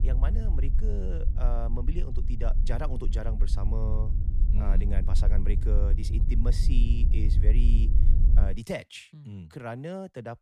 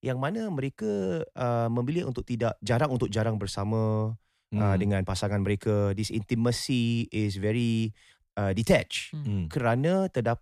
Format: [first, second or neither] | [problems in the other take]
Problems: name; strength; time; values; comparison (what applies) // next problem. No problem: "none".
second | low rumble; loud; until 8.5 s; 7 dB below the speech